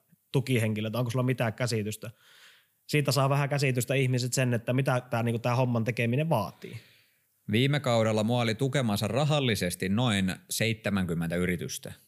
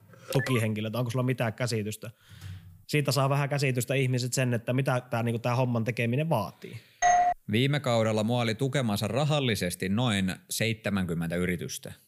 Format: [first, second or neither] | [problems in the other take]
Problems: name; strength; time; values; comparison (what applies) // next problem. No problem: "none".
first | phone ringing; noticeable; at 0.5 s; peak 6 dB below the speech // keyboard typing; faint; at 2.5 s; peak 15 dB below the speech // doorbell; loud; at 7 s; peak 5 dB above the speech